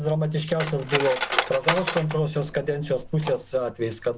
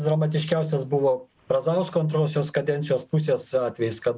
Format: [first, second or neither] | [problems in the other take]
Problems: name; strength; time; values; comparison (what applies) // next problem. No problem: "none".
second | background sound (Cutlery, silverware); 5 dB below the speech